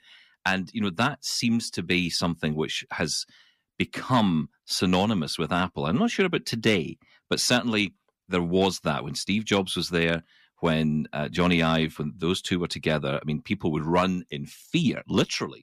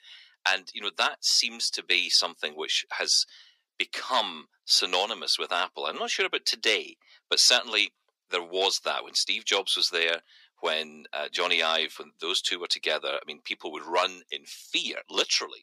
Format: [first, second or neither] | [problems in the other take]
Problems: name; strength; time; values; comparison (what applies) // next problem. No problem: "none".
first | thin; very; fading below 400 Hz